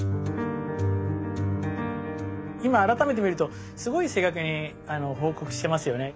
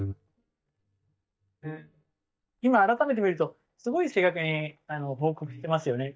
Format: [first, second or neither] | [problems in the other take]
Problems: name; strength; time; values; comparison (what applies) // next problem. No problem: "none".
first | noise reduction (neural mask model DeepFilterNet 3)